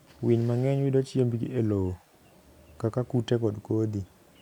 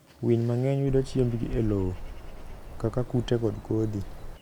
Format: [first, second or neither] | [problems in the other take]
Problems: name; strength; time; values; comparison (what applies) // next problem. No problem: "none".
first | background sound (Bird vocalization, bird call, bird song); 8 dB below the speech